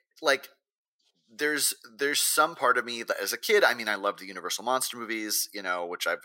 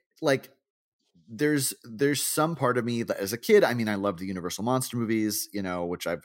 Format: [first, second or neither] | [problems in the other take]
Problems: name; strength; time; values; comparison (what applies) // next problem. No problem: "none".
second | thin; very; fading below 600 Hz